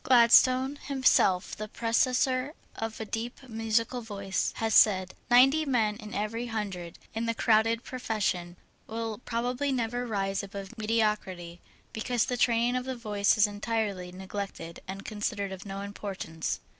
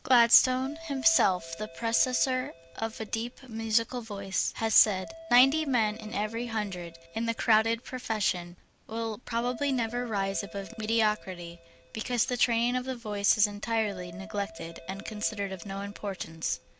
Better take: first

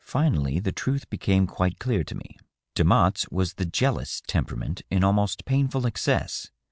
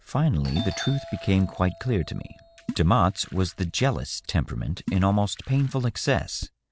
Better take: first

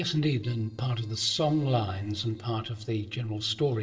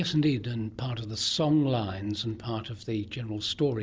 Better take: second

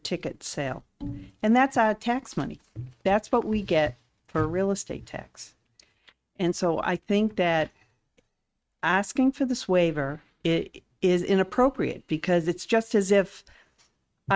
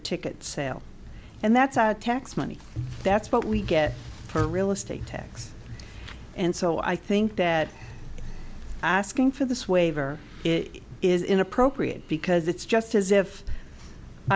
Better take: second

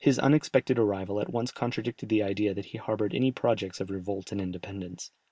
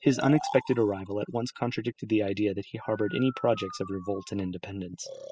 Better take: first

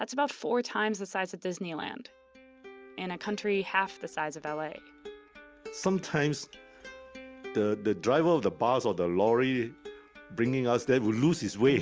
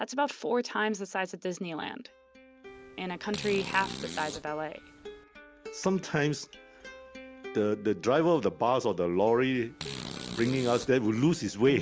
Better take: first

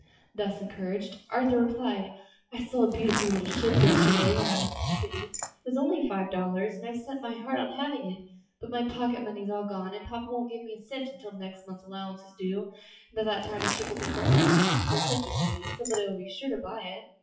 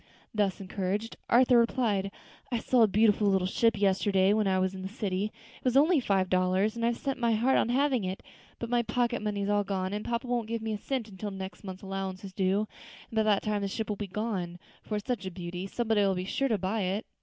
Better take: second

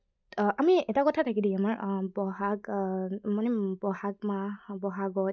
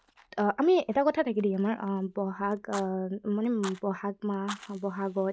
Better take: first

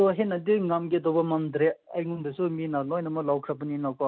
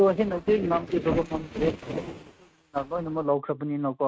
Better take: first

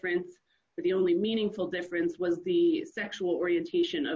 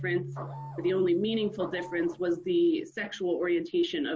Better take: first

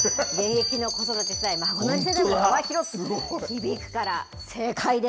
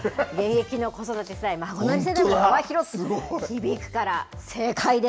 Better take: second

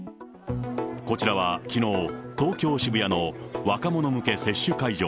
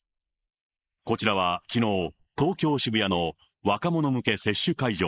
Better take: first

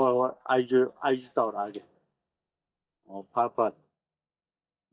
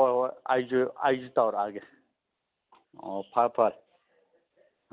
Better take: second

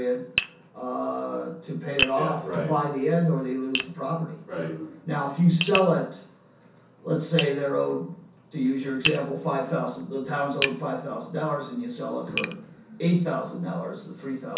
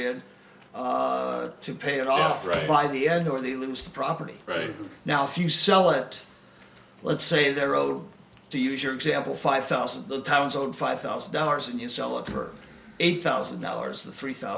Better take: second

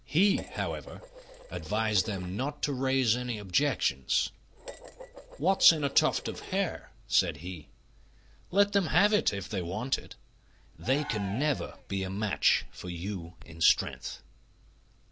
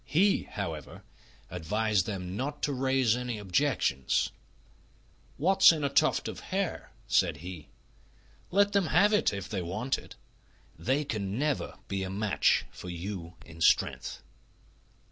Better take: second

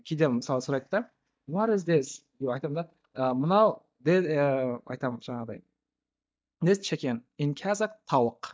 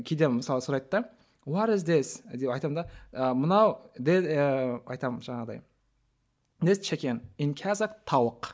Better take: second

